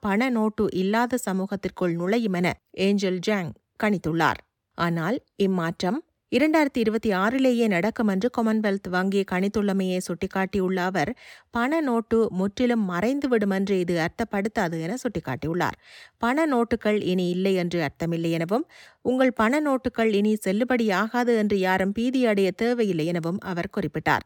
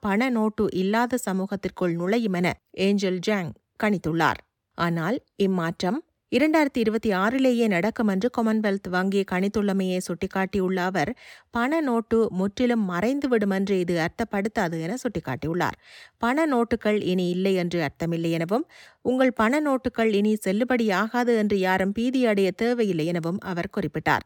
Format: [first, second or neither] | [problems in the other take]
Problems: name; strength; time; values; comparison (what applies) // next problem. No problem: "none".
neither | none